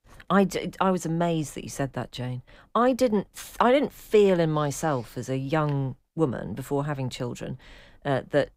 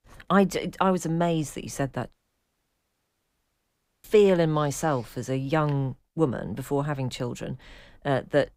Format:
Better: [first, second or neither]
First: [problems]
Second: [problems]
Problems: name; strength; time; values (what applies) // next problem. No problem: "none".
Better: first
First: none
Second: audio cutting out; at 2 s for 2 s